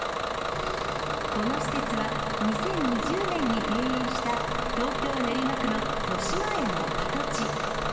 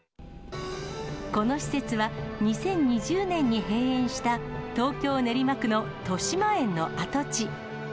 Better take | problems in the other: second | background sound (Bus / Engine); 2 dB above the speech // room echo; dies away in 2.5 s

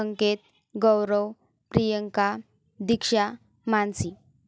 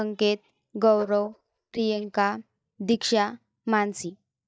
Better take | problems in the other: first | noise reduction (neural mask model DeepFilterNet 3)

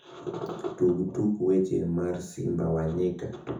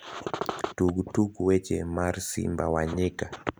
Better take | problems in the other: second | room echo; dies away in 0.5 s

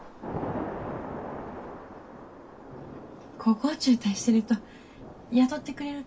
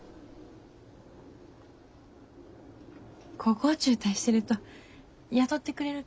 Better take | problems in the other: second | background sound (Thunder / Rain); 10 dB below the speech // room echo; dies away in 0.2 s

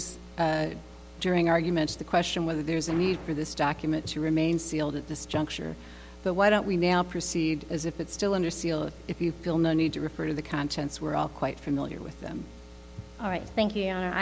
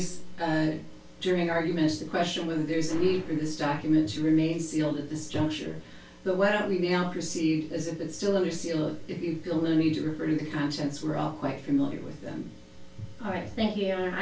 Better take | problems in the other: first | room echo; dies away in 0.2 s

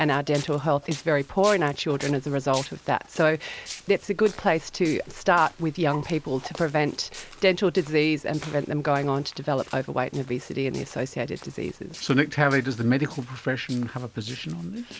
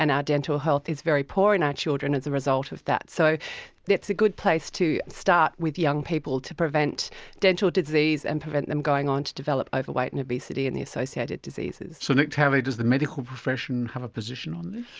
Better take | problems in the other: second | background sound (Walk, footsteps); 19 dB below the speech

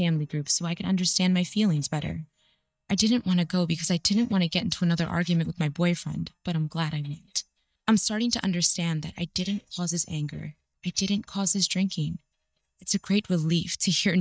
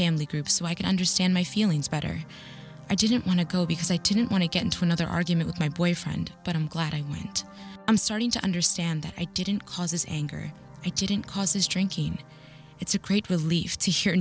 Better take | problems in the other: second | noise reduction (neural mask model DeepFilterNet 3)

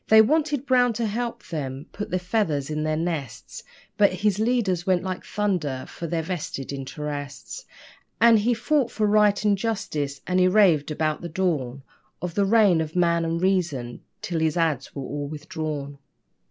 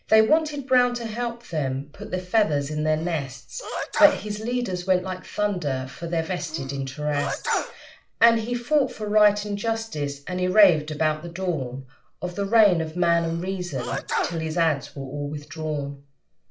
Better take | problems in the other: first | background sound (Sneeze); 9 dB below the speech // room echo; dies away in 0.4 s

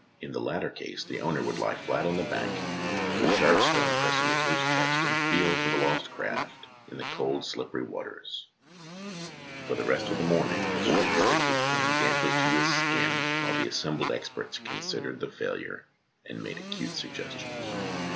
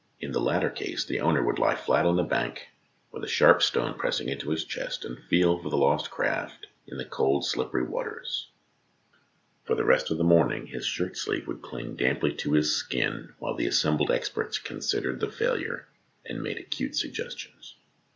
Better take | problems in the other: second | background sound (Motorcycle); 3 dB above the speech

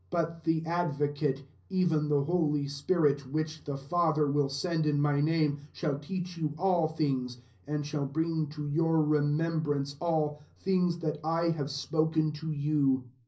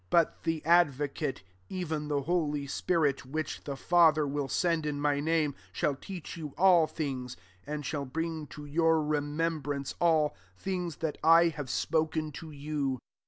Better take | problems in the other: second | room echo; dies away in 0.5 s

